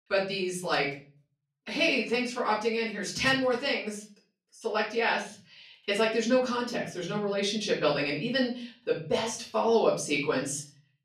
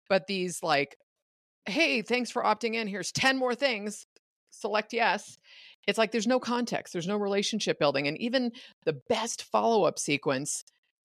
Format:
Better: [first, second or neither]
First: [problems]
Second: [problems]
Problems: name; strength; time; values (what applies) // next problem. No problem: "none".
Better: second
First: off-mic speech; far // room echo; slight; dies away in 0.4 s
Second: none